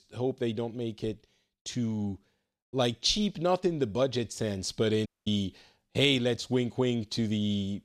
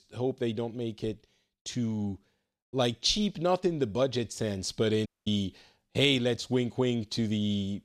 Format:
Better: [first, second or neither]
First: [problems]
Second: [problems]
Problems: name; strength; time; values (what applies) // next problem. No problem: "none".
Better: neither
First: audio cutting out; at 5 s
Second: audio cutting out; at 5 s